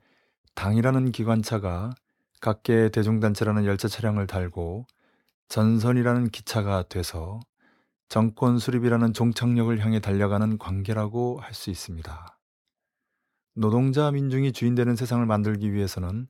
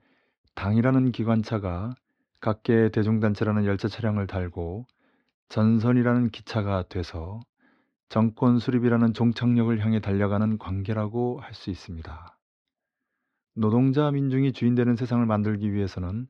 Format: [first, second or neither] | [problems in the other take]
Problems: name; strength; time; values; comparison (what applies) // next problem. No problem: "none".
first | muffled; very slightly; fading above 4 kHz